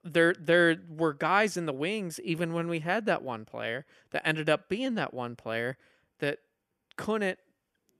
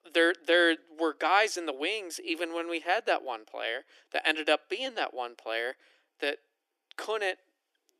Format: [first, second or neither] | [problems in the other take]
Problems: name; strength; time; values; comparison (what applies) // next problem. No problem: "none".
first | thin; very; fading below 300 Hz